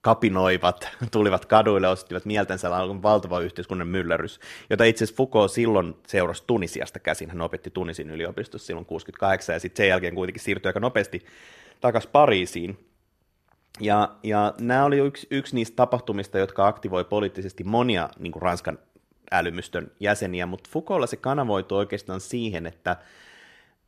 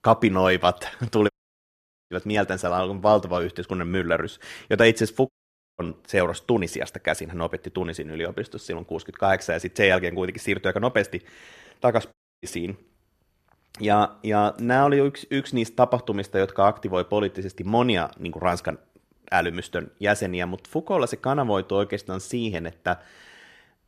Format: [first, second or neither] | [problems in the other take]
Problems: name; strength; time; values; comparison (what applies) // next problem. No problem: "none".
first | audio cutting out; at 1.5 s for 1 s, at 5.5 s and at 12 s